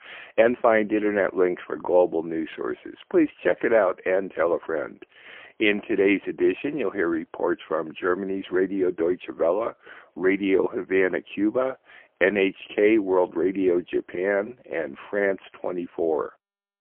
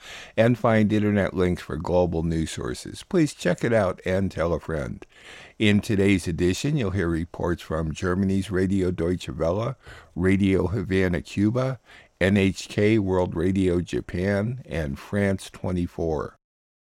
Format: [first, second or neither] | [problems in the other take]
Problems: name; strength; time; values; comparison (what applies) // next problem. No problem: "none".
second | phone-call audio; poor line; nothing above 3 kHz